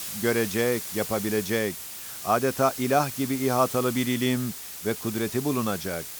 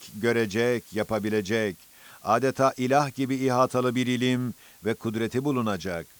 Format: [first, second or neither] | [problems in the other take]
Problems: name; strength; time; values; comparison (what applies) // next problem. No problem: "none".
second | hiss; loud; throughout; 7 dB below the speech; faint in the second